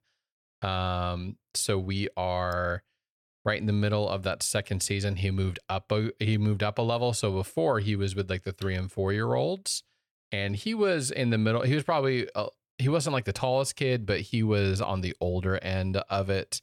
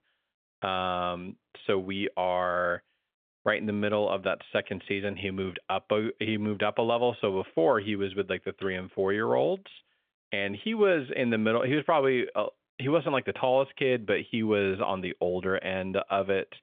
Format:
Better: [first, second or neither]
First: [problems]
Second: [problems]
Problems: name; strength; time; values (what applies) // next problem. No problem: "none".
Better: first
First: none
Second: phone-call audio; nothing above 3.5 kHz